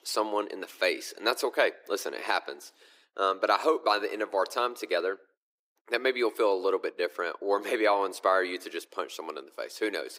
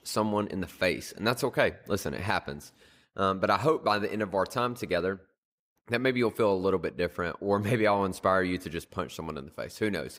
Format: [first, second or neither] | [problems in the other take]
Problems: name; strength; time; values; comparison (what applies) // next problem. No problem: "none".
second | thin; very; fading below 350 Hz